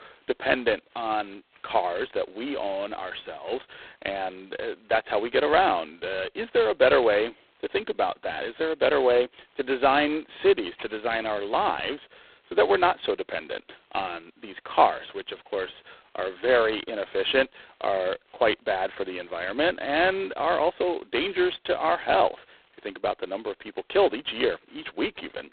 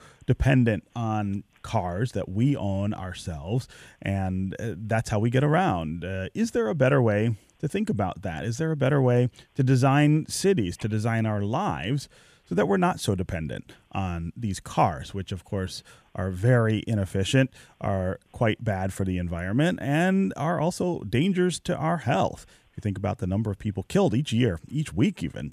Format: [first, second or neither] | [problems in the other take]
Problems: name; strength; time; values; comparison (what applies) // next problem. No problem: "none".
second | phone-call audio; poor line; nothing above 4 kHz